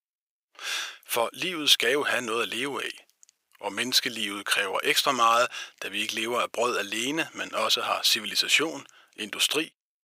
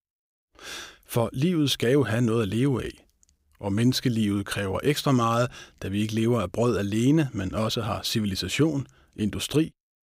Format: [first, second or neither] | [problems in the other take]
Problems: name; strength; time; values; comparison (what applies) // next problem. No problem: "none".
second | thin; very; fading below 750 Hz